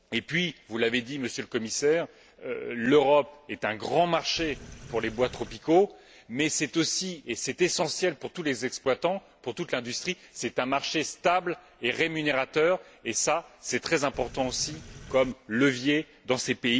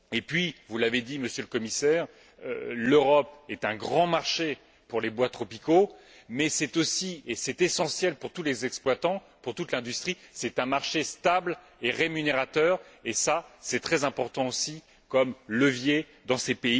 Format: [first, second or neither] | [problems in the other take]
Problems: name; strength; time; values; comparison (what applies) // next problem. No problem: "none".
second | background sound (Sink (filling or washing)); 16 dB below the speech